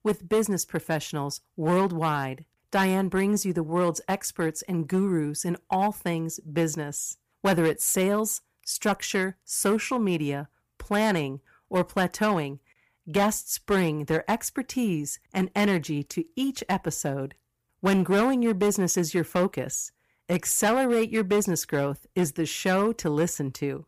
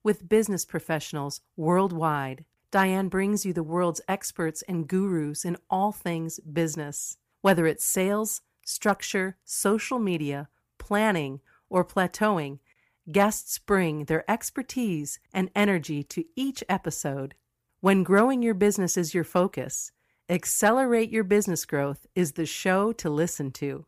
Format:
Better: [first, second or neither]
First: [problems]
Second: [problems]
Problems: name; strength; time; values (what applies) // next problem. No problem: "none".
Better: second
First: distortion; slight; 5% of the sound clipped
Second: none